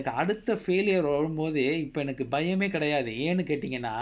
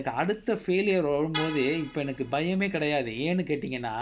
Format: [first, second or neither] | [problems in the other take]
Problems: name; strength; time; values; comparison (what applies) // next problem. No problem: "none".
first | background sound (Vehicle horn, car horn, honking); 13 dB below the speech